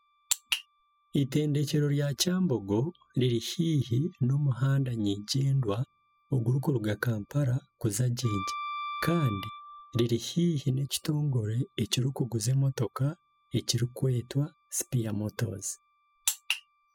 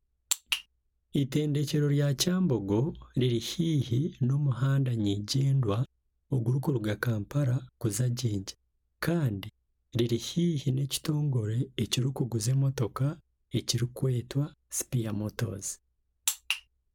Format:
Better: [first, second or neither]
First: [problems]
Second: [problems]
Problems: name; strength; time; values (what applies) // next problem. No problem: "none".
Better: second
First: noise reduction (classical method spectral subtraction)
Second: none